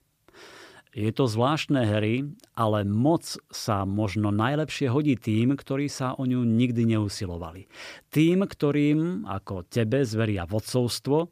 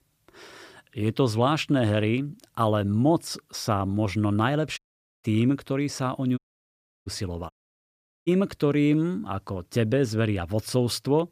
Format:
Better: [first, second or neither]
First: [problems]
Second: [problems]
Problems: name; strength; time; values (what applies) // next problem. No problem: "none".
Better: first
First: none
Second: audio cutting out; at 5 s, at 6.5 s for 0.5 s and at 7.5 s for 1 s